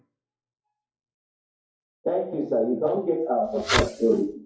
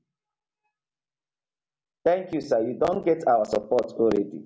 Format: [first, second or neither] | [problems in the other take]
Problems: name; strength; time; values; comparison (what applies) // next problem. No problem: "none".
second | noise reduction (classical method WPE with log-MMSE)